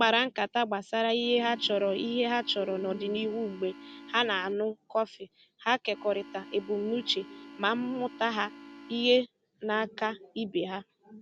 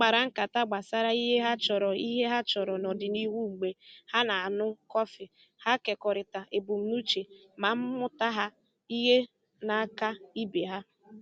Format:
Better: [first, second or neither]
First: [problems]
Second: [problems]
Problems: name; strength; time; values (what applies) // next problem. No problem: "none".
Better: second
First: background sound (Organ); 17 dB below the speech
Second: none